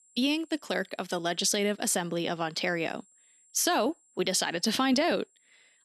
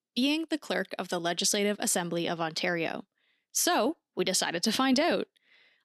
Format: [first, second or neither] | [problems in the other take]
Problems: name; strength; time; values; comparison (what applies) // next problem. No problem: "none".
second | high-pitched whine; faint; throughout; 7.5 kHz, 35 dB below the speech